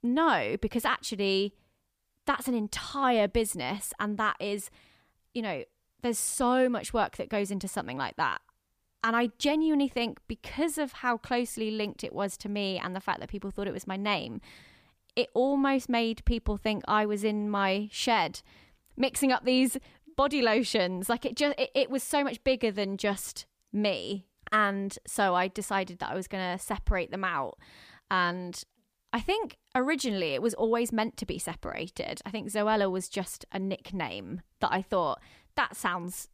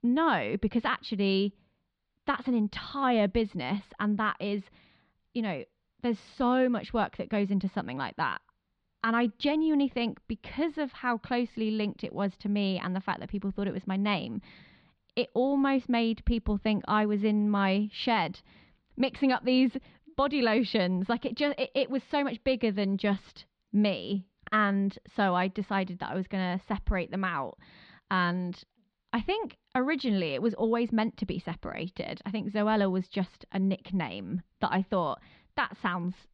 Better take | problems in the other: first | muffled; very slightly; fading above 4 kHz

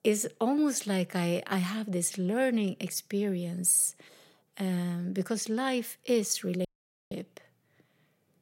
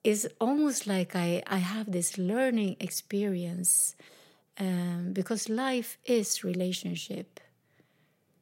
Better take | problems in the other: second | audio cutting out; at 6.5 s

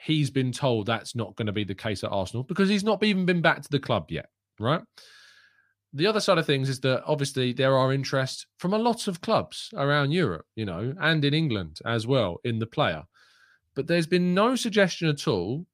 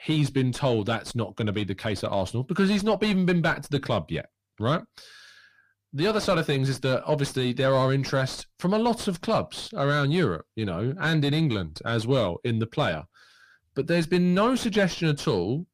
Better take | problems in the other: first | distortion; slight; 10 dB below the speech

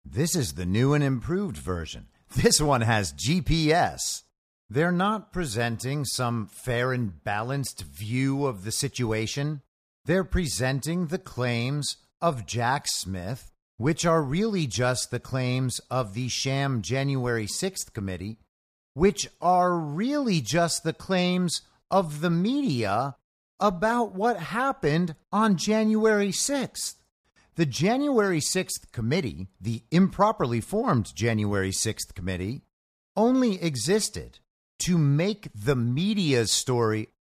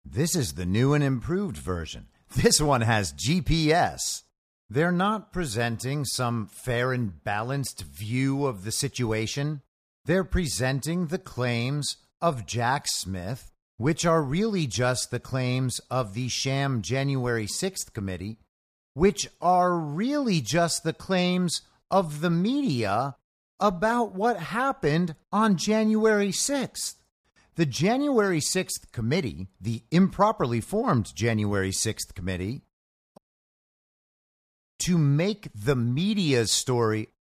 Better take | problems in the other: first | audio cutting out; at 33 s for 1.5 s

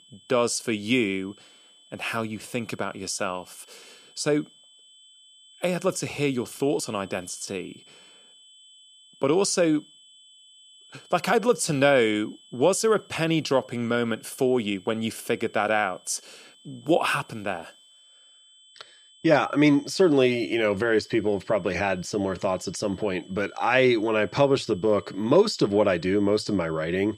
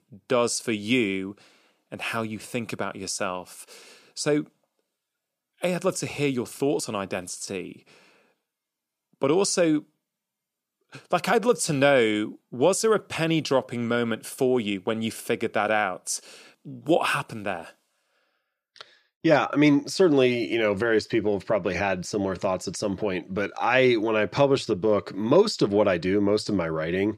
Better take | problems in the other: second | high-pitched whine; faint; throughout; 3 kHz, 25 dB below the speech

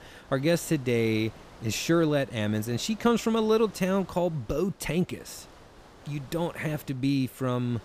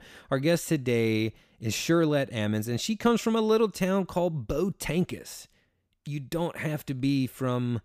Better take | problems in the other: second | wind noise on the microphone; occasional gusts; 20 dB below the speech

